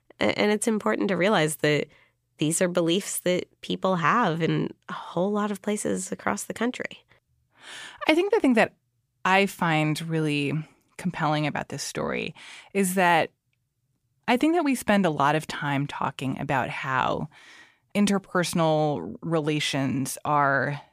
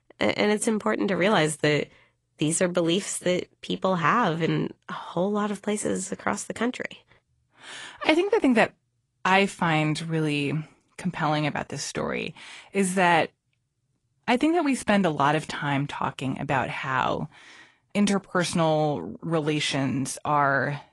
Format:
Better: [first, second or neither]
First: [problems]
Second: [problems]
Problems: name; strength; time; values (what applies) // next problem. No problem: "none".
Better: first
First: none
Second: garbled, watery; slightly; nothing above 10.5 kHz